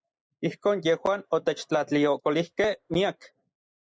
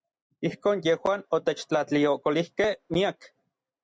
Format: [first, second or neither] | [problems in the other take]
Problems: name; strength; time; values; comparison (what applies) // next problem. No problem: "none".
second | noise reduction (neural mask model Resemble Enhance denoiser)